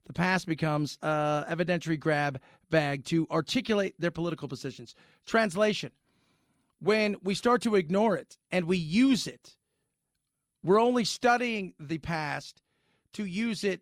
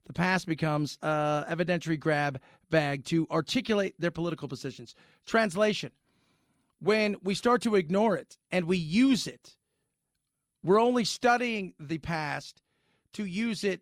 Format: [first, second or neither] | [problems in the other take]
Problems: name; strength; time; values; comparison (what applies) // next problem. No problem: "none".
neither | none